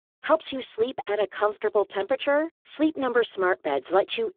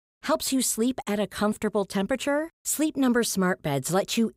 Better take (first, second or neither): second